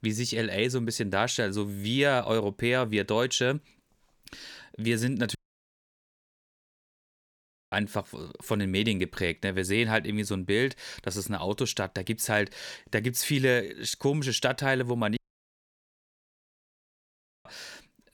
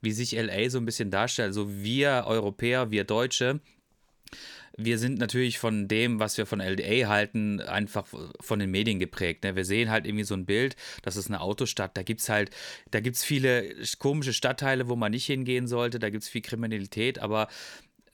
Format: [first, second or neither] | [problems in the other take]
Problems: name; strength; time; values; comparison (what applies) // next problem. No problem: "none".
second | audio cutting out; at 5.5 s for 2.5 s and at 15 s for 2.5 s